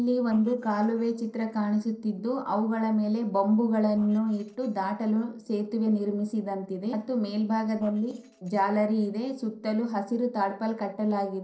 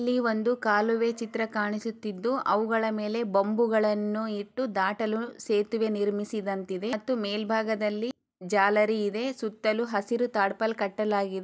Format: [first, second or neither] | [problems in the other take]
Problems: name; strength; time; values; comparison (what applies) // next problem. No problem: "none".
second | noise reduction (neural separator model SepFormer DNS4)